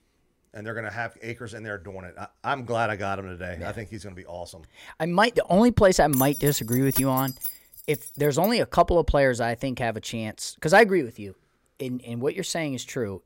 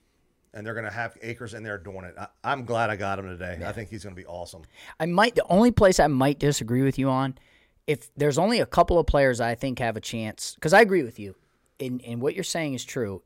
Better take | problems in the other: second | jangling keys; noticeable; from 6 to 8.5 s; peak 3 dB below the speech

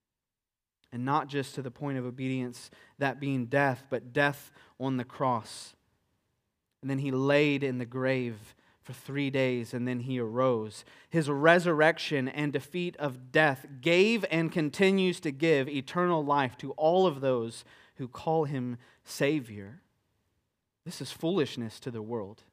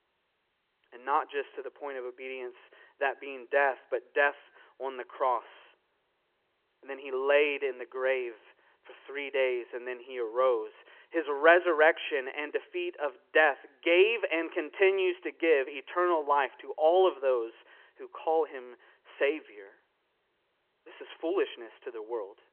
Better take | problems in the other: first | phone-call audio; nothing above 3 kHz

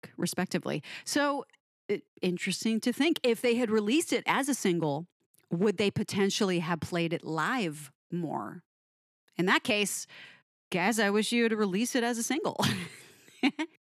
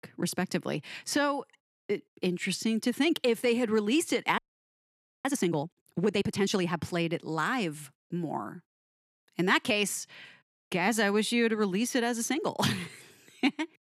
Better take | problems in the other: first | audio freezing; at 4.5 s for 1 s

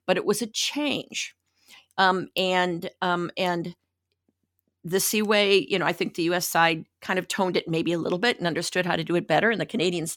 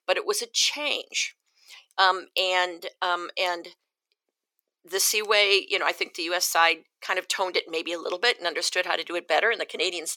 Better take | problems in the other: first | thin; very; fading below 450 Hz

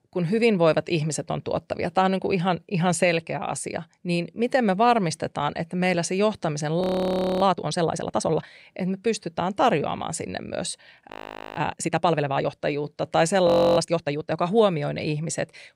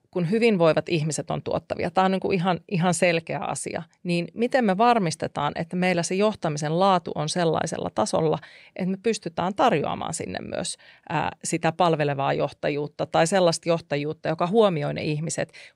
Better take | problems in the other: second | audio freezing; at 7 s for 0.5 s, at 11 s and at 13 s

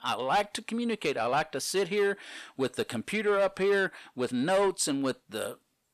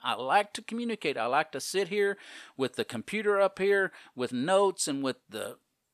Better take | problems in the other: second | distortion; slight; 10 dB below the speech

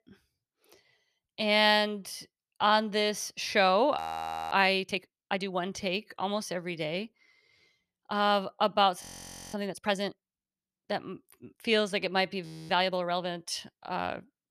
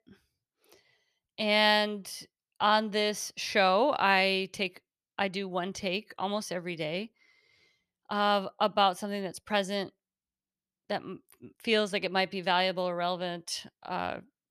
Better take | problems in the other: second | audio freezing; at 4 s for 0.5 s, at 9 s for 0.5 s and at 12 s

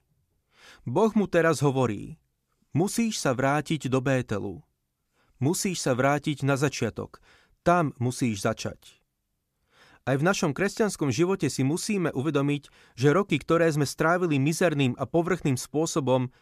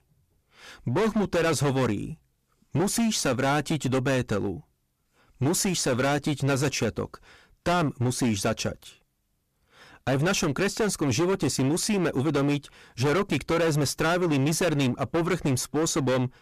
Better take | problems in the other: first | distortion; heavy; 18% of the sound clipped

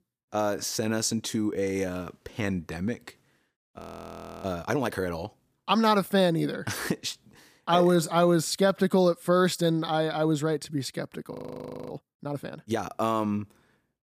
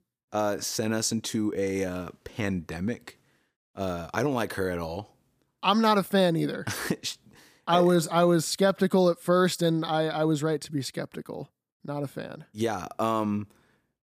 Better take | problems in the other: second | audio freezing; at 4 s for 0.5 s and at 11 s for 0.5 s

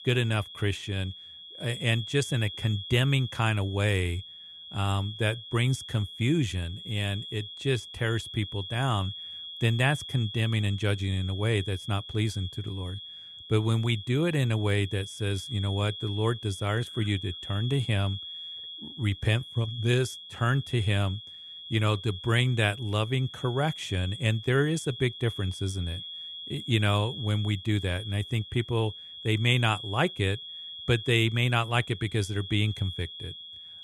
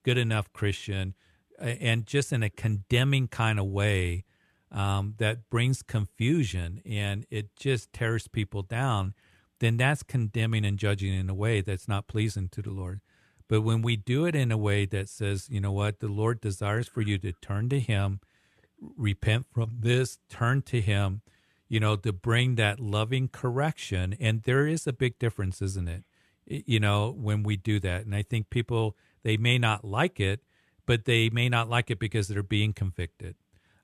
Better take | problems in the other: second | high-pitched whine; noticeable; throughout; 3.5 kHz, 10 dB below the speech

